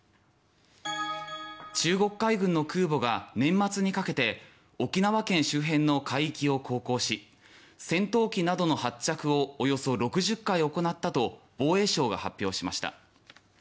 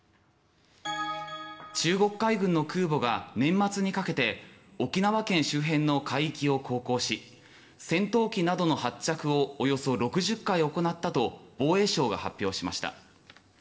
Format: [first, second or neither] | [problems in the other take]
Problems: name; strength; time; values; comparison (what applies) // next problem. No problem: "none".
first | room echo; dies away in 1.6 s